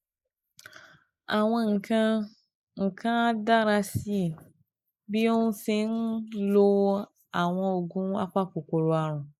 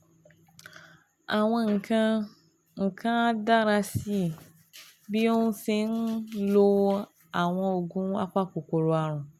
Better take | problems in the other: second | noise reduction (neural mask model Resemble Enhance denoiser)

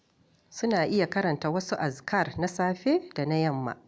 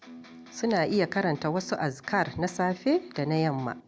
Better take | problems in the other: first | background sound (Electric guitar); 19 dB below the speech

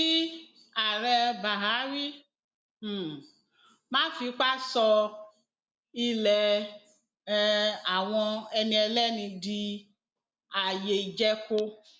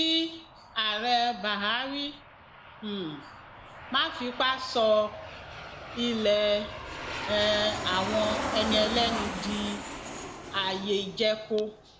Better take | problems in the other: first | background sound (Aircraft); 8 dB below the speech

